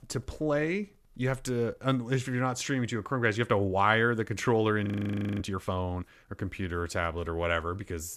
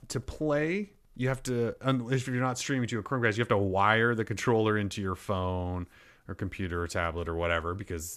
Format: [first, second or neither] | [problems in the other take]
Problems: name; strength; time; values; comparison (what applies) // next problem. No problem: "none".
second | audio freezing; at 5 s for 0.5 s